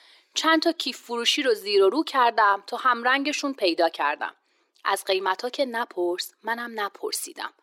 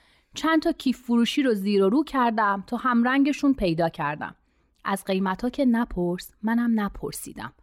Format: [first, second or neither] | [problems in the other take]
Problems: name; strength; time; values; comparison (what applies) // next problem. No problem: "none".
second | thin; very; fading below 350 Hz